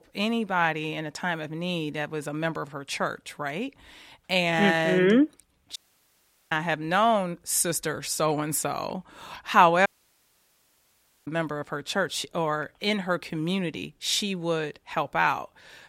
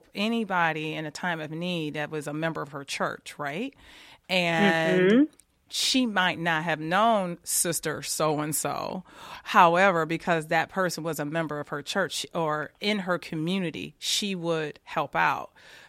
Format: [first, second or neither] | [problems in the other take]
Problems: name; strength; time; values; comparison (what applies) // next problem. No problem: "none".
second | audio cutting out; at 6 s for 1 s and at 10 s for 1.5 s